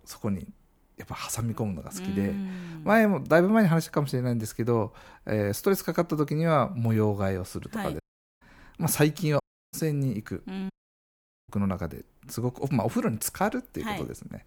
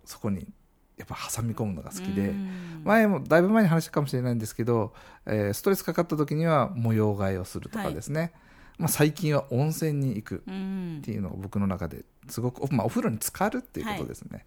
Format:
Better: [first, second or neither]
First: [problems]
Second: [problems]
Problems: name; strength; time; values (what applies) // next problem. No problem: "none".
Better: second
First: audio cutting out; at 8 s, at 9.5 s and at 11 s for 1 s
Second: none